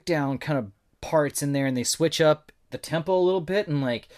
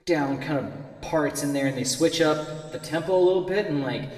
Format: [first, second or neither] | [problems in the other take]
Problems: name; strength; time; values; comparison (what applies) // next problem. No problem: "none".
first | room echo; slight; dies away in 1.8 s // off-mic speech; somewhat distant